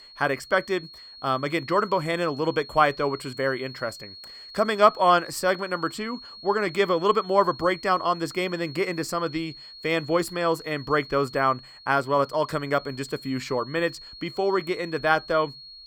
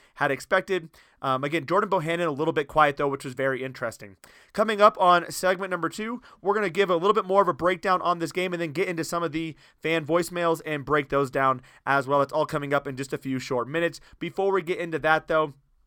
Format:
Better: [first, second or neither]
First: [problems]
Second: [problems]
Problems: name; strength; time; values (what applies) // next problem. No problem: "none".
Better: second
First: high-pitched whine; noticeable; throughout; 4.5 kHz, 15 dB below the speech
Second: none